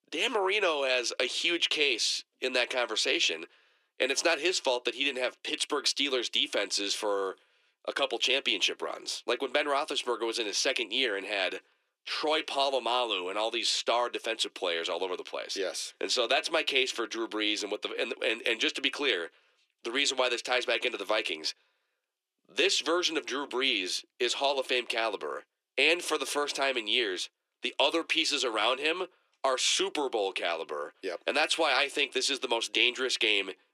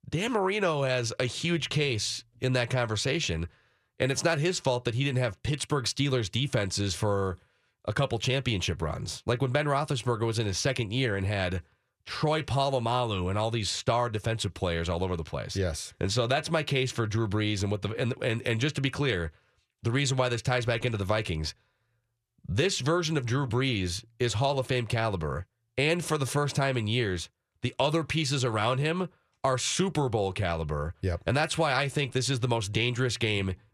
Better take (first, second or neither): second